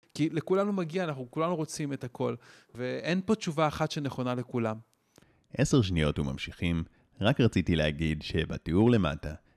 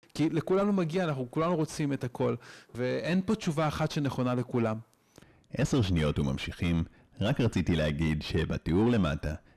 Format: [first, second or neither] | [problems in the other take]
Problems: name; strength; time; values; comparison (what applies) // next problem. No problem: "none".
first | distortion; heavy; 7 dB below the speech